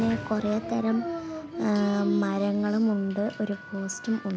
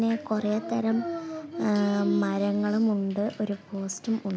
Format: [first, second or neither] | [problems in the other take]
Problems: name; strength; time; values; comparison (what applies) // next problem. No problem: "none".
second | background sound (Thunder + Harmonica); 16 dB below the speech